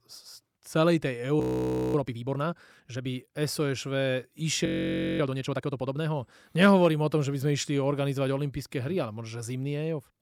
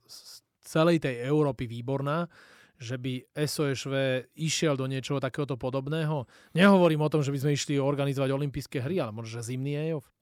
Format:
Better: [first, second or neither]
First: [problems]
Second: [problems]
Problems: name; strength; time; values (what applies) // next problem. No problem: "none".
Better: second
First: audio freezing; at 1.5 s for 0.5 s and at 4.5 s for 0.5 s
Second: none